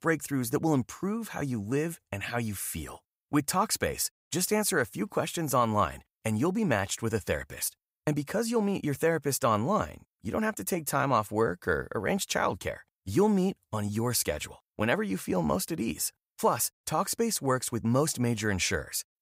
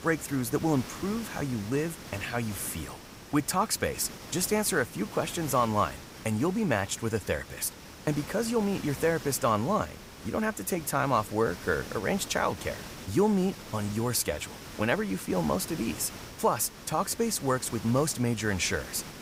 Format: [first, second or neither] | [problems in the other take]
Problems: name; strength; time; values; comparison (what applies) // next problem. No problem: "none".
first | hiss; noticeable; throughout; 15 dB below the speech